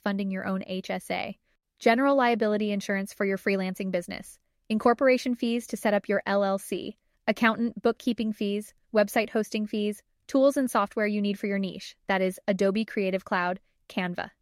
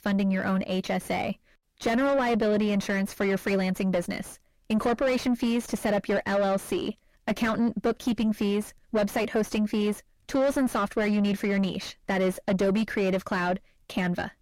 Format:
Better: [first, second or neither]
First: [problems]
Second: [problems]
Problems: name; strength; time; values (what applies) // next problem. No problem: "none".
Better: first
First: none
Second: distortion; heavy; 5 dB below the speech